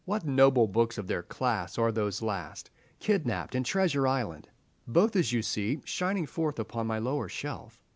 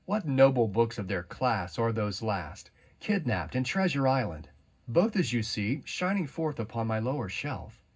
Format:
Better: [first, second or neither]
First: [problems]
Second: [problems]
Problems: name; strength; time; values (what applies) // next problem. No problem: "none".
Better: first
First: none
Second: room echo; dies away in 0.4 s